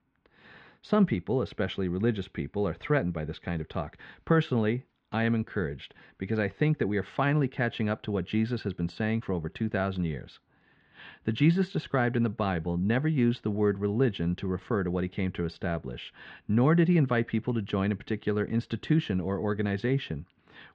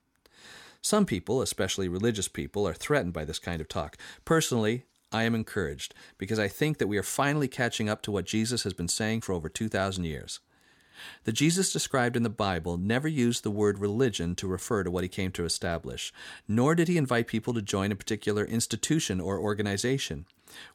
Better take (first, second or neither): second